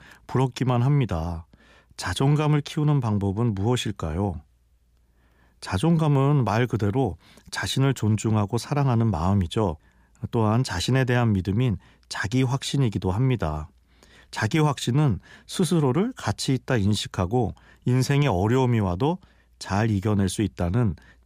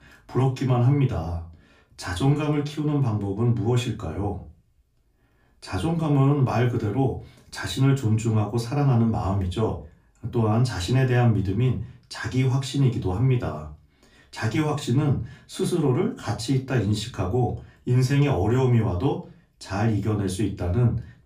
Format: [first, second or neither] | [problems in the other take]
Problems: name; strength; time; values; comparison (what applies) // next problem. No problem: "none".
first | off-mic speech; far // room echo; very slight; dies away in 0.3 s